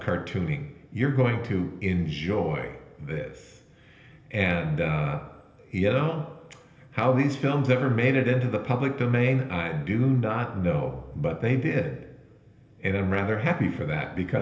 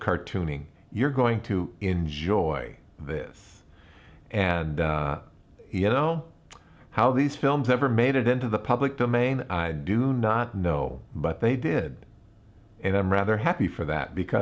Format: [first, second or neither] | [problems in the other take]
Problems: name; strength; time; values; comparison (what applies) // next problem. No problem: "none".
second | room echo; dies away in 1.4 s